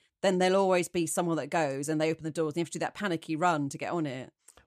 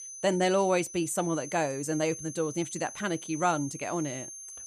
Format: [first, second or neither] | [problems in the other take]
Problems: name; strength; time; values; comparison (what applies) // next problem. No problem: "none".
first | high-pitched whine; noticeable; throughout; 6.5 kHz, 10 dB below the speech